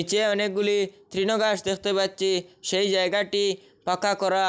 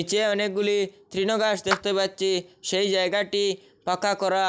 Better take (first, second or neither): first